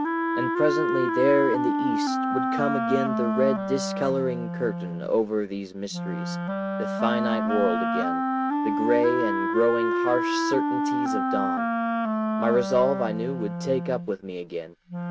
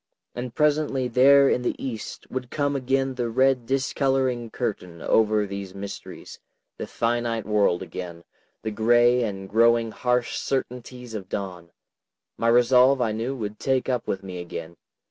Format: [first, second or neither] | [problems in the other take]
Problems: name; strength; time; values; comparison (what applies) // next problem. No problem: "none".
second | background sound (Wind instrument, woodwind instrument); 1 dB above the speech